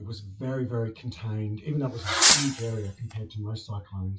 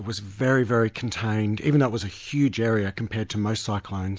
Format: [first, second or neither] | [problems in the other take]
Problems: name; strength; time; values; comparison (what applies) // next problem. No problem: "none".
second | noise reduction (classical method WPE with log-MMSE)